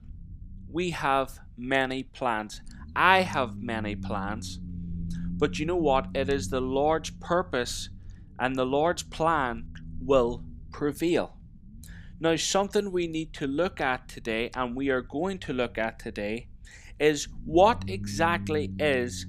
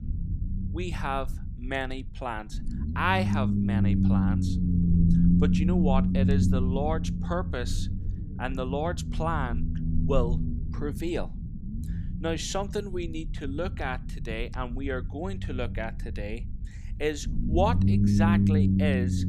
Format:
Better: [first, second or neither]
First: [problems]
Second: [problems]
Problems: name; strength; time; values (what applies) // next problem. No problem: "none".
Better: first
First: low rumble; faint; throughout; 25 dB below the speech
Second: low rumble; loud; throughout; 4 dB below the speech